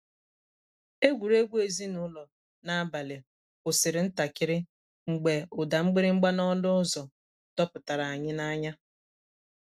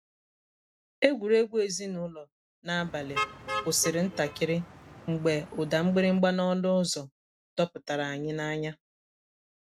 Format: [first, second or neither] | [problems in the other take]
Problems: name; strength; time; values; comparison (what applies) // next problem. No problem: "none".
first | background sound (Motor vehicle (road)); 9 dB below the speech